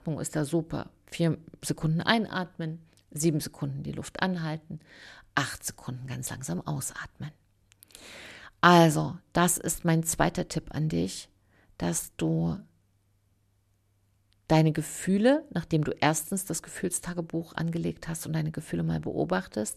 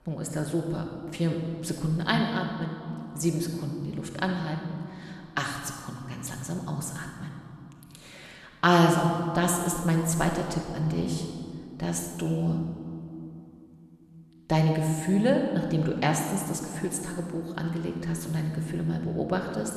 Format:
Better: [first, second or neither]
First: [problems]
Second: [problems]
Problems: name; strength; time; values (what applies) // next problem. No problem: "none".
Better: first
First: none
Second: room echo; noticeable; dies away in 2.1 s